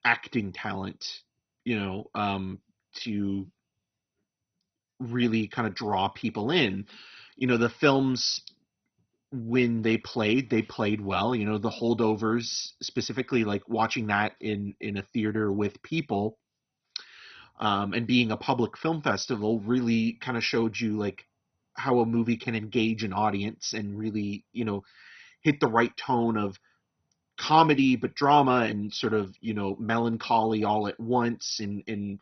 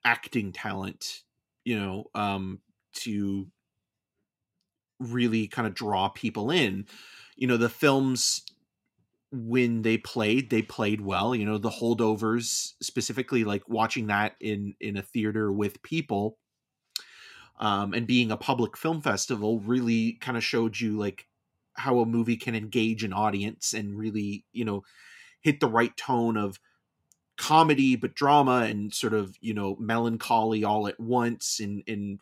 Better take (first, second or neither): second